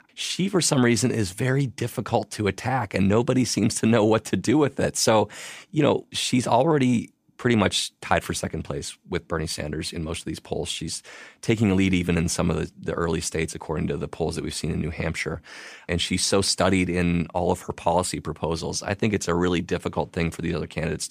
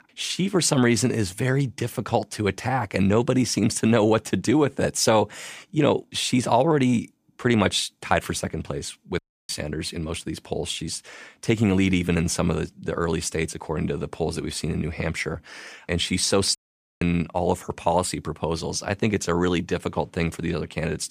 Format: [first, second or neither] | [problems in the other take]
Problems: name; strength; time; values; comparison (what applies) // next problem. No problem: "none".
first | audio cutting out; at 9 s and at 17 s